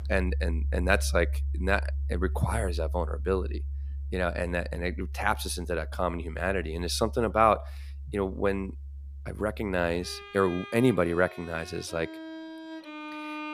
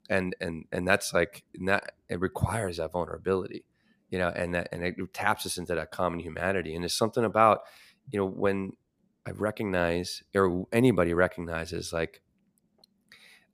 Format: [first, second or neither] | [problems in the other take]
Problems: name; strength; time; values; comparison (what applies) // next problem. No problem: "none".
second | background music; loud; throughout; 7 dB below the speech